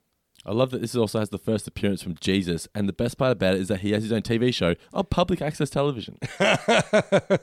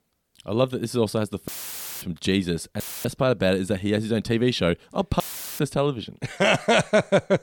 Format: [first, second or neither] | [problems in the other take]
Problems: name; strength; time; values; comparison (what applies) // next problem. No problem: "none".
first | audio cutting out; filled with static; at 1.5 s for 0.5 s, at 3 s and at 5 s